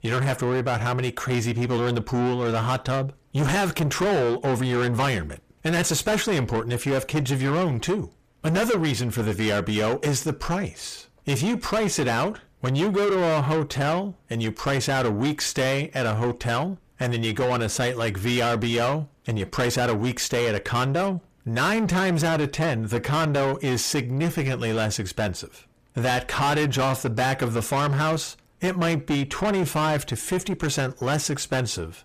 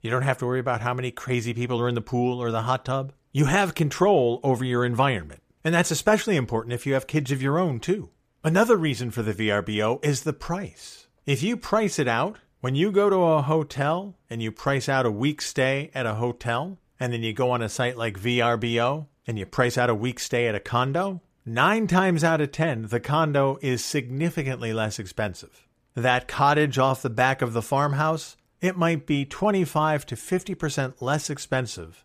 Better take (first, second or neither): second